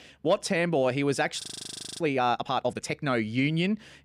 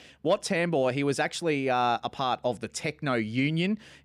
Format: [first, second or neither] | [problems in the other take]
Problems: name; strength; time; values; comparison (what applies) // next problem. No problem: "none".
second | audio freezing; at 1.5 s for 0.5 s